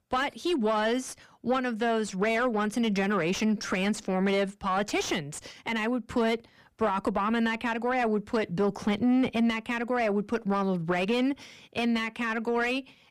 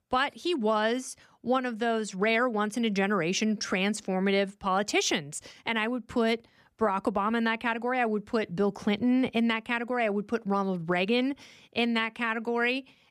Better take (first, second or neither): second